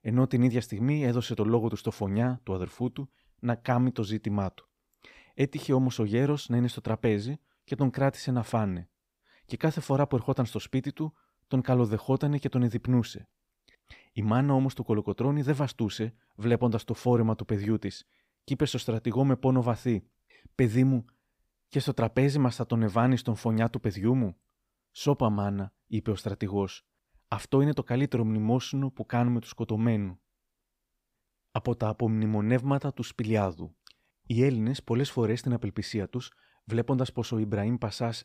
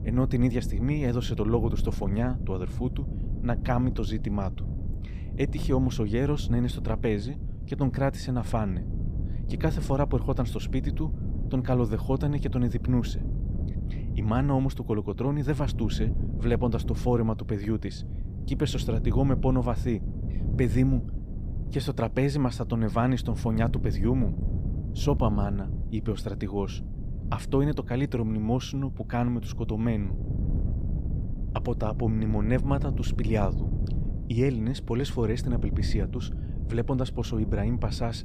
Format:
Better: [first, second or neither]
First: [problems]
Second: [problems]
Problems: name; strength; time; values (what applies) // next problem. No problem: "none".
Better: first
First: none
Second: wind noise on the microphone; occasional gusts; 10 dB below the speech